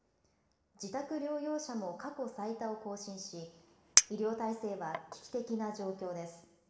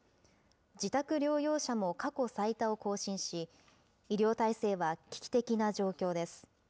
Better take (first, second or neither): second